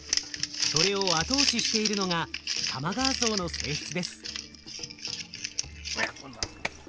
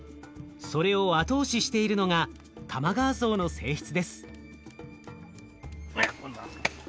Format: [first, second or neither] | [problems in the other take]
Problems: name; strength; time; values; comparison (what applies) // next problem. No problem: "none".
second | background sound (Crumpling, crinkling); 1 dB above the speech